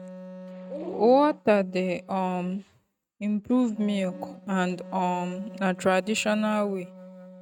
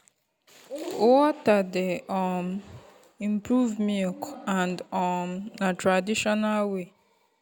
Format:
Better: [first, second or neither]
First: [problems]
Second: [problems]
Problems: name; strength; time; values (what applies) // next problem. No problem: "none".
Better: second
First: noise reduction (neural mask model RNNoise)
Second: none